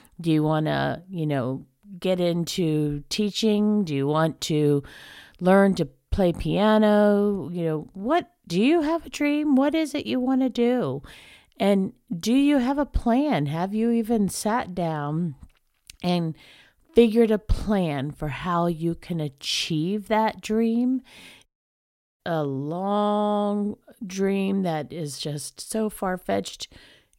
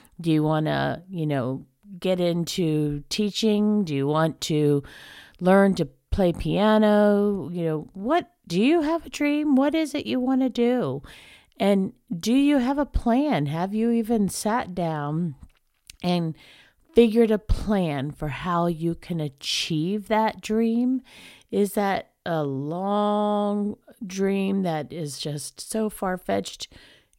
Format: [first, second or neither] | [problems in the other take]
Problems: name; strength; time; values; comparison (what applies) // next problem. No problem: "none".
second | audio cutting out; at 21 s for 0.5 s